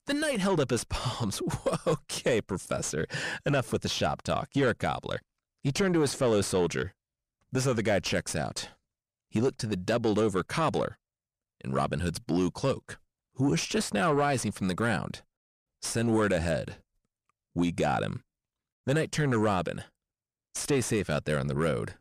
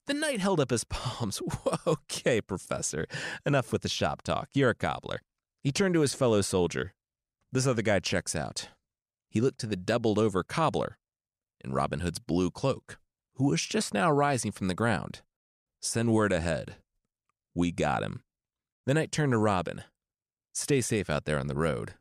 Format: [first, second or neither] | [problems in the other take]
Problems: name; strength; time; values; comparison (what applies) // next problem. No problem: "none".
second | distortion; slight; 10 dB below the speech